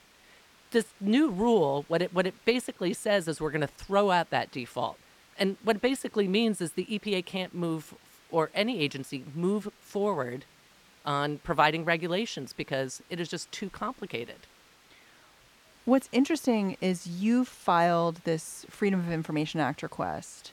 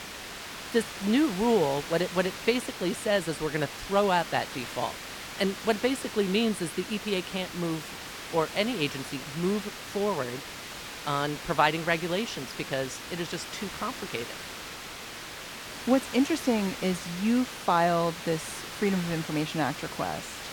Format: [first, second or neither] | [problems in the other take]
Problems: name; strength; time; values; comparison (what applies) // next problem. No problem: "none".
first | hiss; loud; throughout; 9 dB below the speech; faint in the first